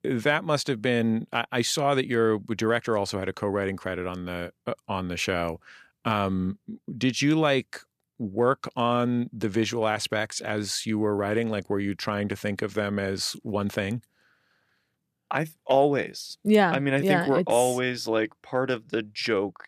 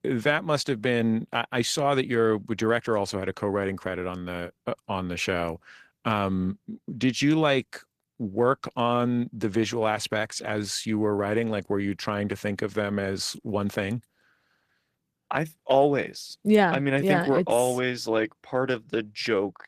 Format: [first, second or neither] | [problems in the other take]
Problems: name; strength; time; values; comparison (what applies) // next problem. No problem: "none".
first | garbled, watery; slightly; nothing above 14.5 kHz